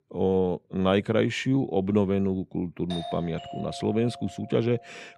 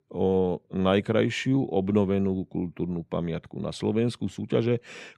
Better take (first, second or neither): second